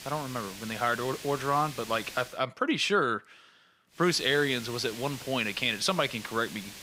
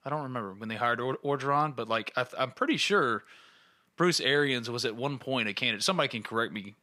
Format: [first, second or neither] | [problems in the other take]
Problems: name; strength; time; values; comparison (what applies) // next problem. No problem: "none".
second | hiss; noticeable; until 2.5 s and from 4 s on; 15 dB below the speech